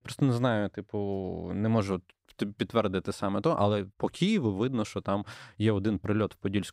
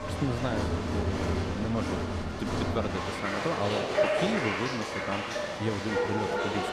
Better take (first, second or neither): first